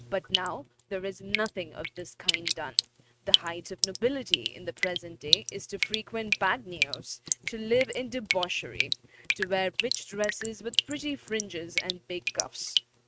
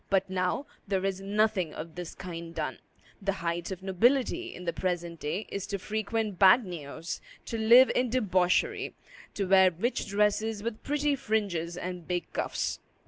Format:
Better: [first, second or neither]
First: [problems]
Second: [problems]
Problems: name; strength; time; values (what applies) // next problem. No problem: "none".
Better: second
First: noise reduction (neural mask model RNNoise)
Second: none